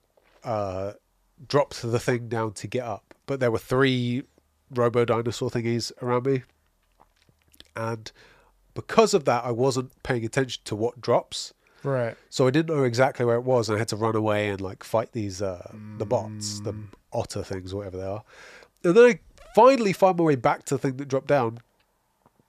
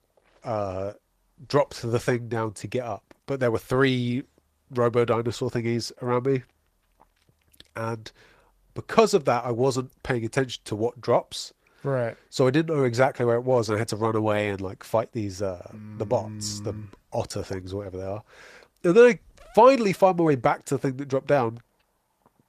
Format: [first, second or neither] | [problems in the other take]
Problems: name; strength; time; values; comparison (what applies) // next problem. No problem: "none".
first | garbled, watery; slightly; nothing above 14.5 kHz